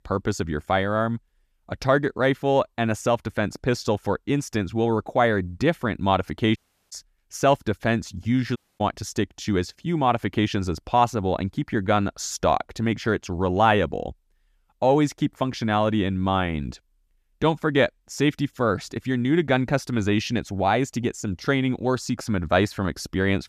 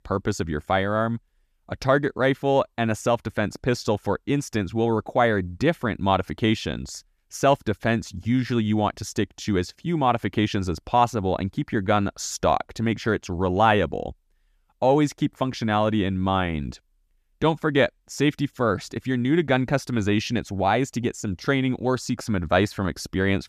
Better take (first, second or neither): second